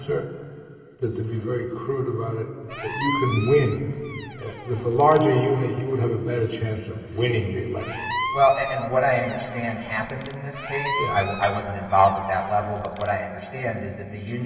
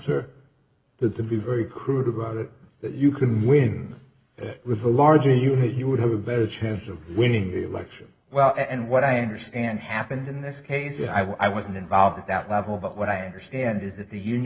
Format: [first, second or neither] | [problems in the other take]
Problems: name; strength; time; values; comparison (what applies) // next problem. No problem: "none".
second | background sound (Squeak); 9 dB below the speech // room echo; dies away in 2.7 s